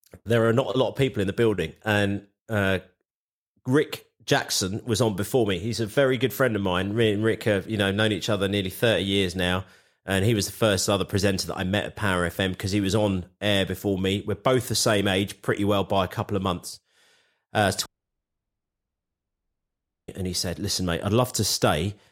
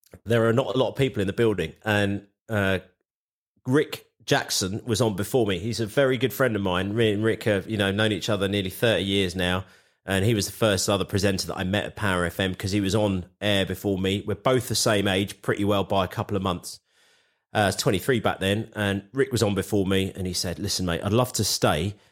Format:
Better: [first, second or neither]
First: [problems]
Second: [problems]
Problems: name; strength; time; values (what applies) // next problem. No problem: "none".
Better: second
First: audio cutting out; at 18 s for 2 s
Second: none